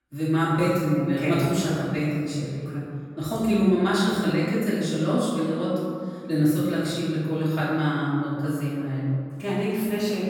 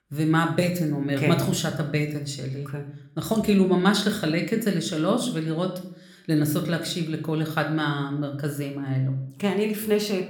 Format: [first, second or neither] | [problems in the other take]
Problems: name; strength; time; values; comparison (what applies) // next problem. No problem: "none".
second | room echo; strong; dies away in 2.1 s; slight in the second // off-mic speech; far